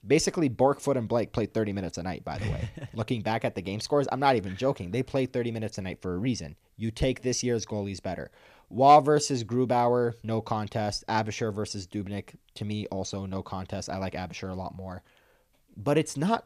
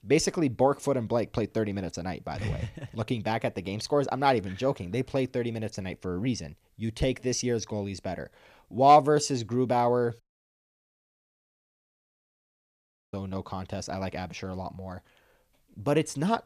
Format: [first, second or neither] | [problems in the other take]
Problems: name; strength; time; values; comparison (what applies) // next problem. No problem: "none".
first | audio cutting out; at 10 s for 3 s